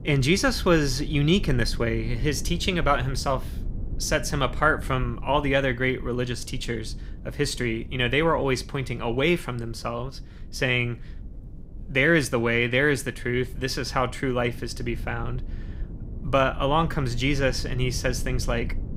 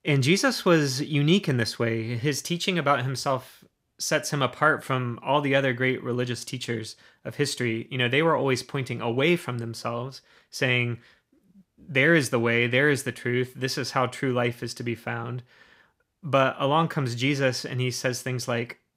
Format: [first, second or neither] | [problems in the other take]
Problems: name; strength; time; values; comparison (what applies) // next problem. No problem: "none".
second | low rumble; faint; throughout; 25 dB below the speech